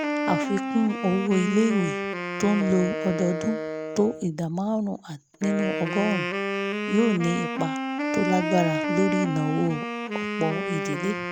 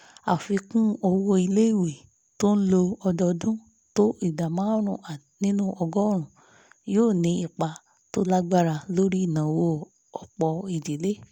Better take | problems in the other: second | background sound (Wind instrument, woodwind instrument); 3 dB below the speech

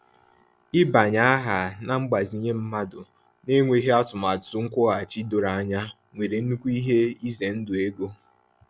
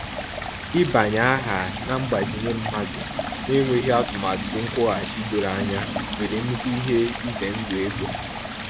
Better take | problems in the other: first | background sound (Stream); 5 dB below the speech

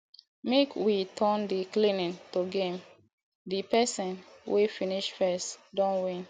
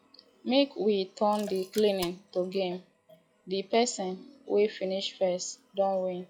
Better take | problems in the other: first | noise reduction (classical method log-MMSE)

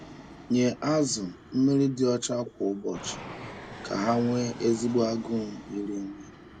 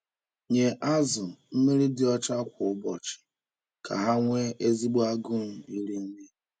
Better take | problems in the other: second | background sound (Fixed-wing aircraft, airplane); 16 dB below the speech

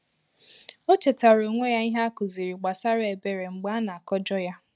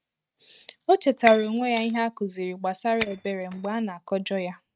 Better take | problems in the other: first | noise reduction (neural mask model RNNoise)

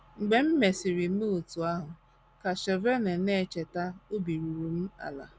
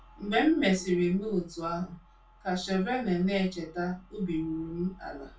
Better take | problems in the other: first | room echo; dies away in 0.2 s

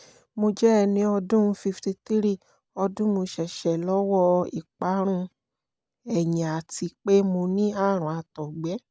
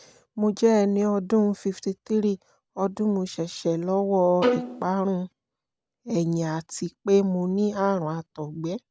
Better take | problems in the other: first | background sound (Bowed string instrument); 1 dB below the speech

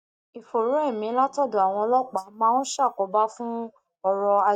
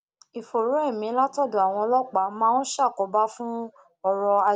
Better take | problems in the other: second | noise reduction (neural mask model DeepFilterNet 3)

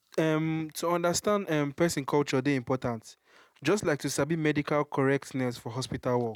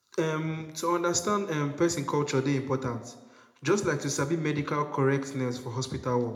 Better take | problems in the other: first | room echo; dies away in 0.6 s

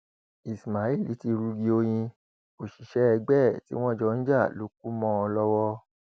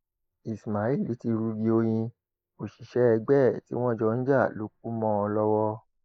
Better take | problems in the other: first | noise reduction (neural mask model Resemble Enhance denoiser)

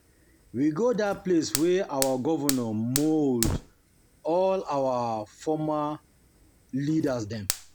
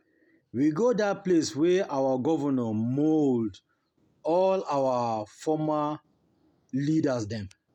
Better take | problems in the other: second | background sound (Fire); 10 dB below the speech

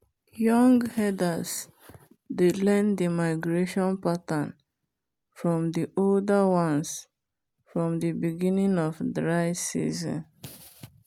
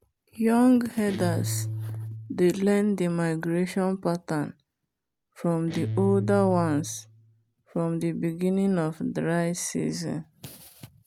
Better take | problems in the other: first | background sound (Guitar); 8 dB below the speech

